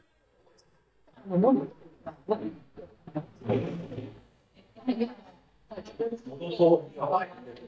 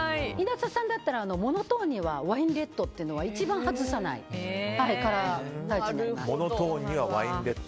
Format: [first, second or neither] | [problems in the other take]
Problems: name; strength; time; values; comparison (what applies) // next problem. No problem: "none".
second | noise reduction (neural mask model DeepFilterNet 3)